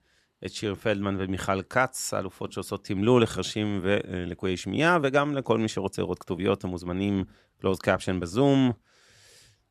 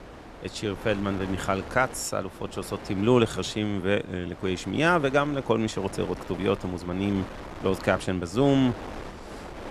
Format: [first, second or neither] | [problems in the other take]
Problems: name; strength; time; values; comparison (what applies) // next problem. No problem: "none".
first | wind noise on the microphone; occasional gusts; 15 dB below the speech